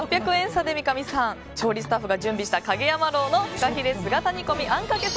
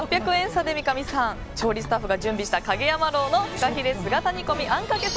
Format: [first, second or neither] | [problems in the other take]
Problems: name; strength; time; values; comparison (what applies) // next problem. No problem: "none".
first | background sound (Bird); 15 dB below the speech